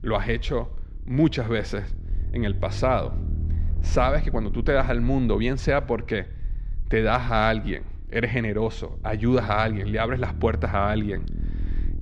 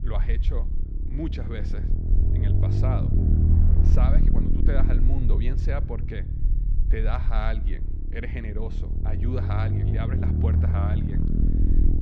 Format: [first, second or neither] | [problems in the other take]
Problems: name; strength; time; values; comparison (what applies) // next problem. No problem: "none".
first | low rumble; loud; throughout; 2 dB below the speech; faint in the first